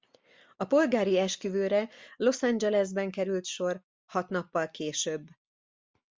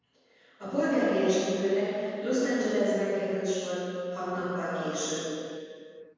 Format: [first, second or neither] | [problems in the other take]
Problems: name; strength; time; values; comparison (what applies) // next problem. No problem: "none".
first | room echo; dies away in 2.1 s